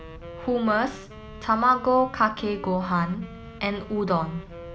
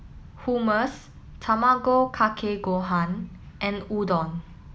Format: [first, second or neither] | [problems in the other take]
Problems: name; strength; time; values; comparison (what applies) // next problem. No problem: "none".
second | background sound (Wind instrument, woodwind instrument); 18 dB below the speech